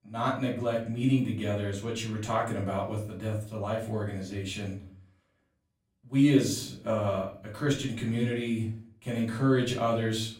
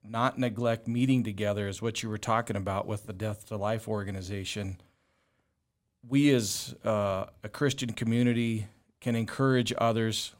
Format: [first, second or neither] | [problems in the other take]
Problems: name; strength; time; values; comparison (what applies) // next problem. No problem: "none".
second | off-mic speech; far // room echo; slight; dies away in 0.4 s